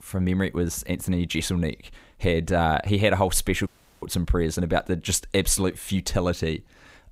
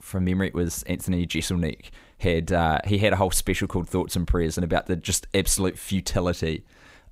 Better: second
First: audio cutting out; at 3.5 s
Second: none

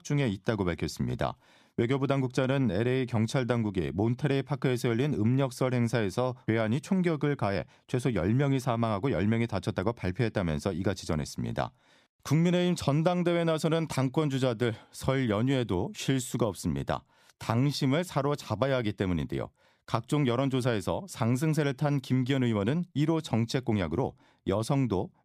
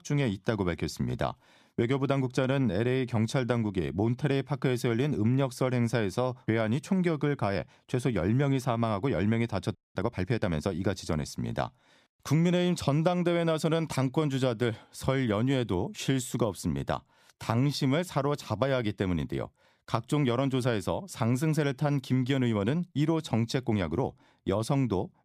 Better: first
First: none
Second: audio freezing; at 10 s

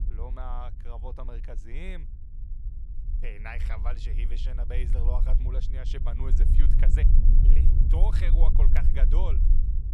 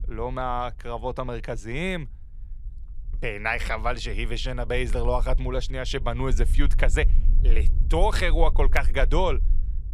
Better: second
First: low rumble; loud; throughout; 4 dB below the speech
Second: low rumble; faint; throughout; 20 dB below the speech

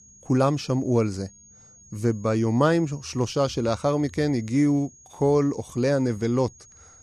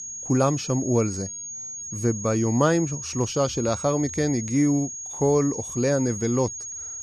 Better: first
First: high-pitched whine; faint; throughout; 6.5 kHz, 25 dB below the speech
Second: high-pitched whine; loud; throughout; 6.5 kHz, 8 dB below the speech

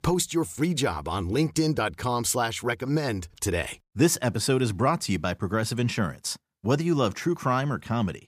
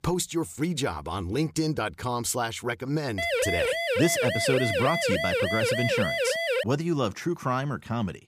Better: first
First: none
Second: siren; loud; from 3 to 6.5 s; peak 3 dB above the speech

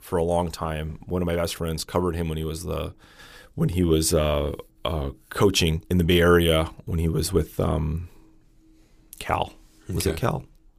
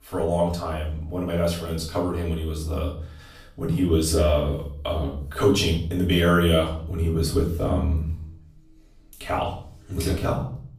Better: first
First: none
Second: off-mic speech; far // room echo; slight; dies away in 0.5 s

